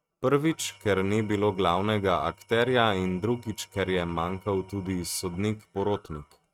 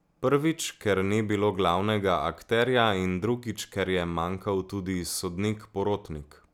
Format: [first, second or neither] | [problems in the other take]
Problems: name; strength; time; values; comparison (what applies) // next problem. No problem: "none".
second | noise reduction (neural mask model RNNoise)